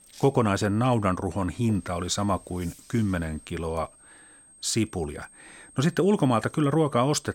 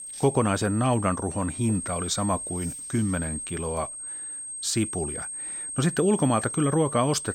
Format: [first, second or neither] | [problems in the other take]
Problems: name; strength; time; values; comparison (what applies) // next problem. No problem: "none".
first | high-pitched whine; loud; throughout; 8.5 kHz, 6 dB below the speech; faint in the first